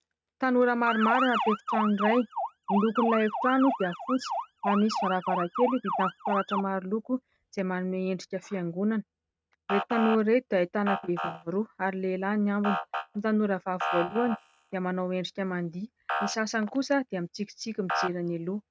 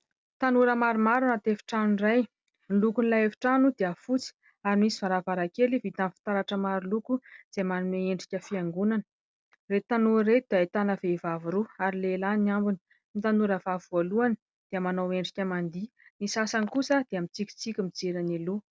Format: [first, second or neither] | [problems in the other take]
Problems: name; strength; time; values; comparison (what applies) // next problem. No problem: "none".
second | noise reduction (neural mask model RNNoise)